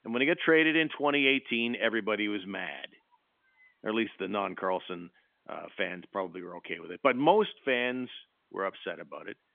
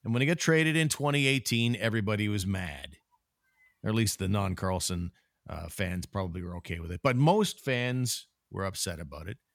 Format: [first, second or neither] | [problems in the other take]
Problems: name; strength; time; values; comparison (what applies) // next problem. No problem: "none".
second | phone-call audio; nothing above 3.5 kHz